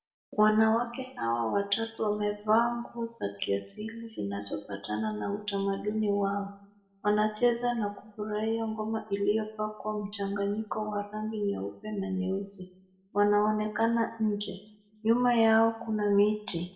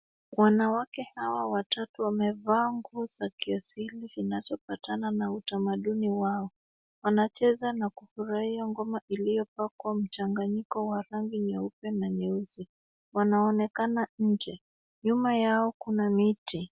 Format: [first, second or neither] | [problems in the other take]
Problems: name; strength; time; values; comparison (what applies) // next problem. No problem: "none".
second | room echo; dies away in 0.6 s